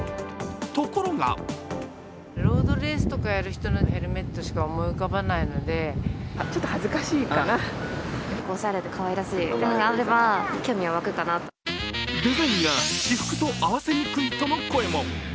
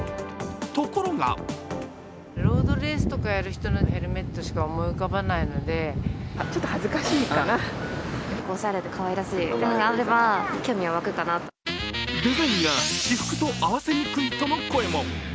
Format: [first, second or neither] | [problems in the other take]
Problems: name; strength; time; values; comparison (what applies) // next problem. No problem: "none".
first | background sound (Snare drum); 10 dB below the speech